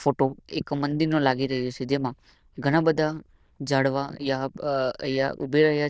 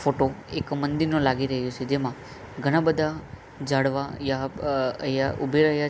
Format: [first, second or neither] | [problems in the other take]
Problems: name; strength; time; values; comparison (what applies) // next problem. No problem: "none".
second | noise reduction (neural diffusion model UNIVERSE++)